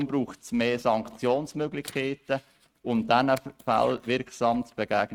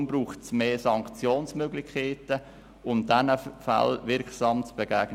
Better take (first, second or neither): second